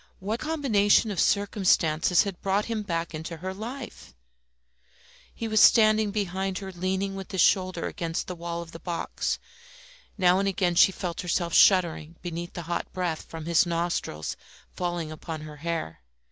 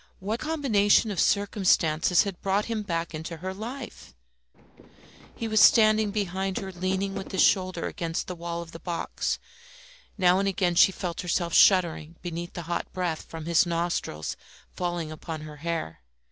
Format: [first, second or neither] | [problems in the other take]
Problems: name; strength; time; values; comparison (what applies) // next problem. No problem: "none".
first | background sound (Fireworks); 15 dB below the speech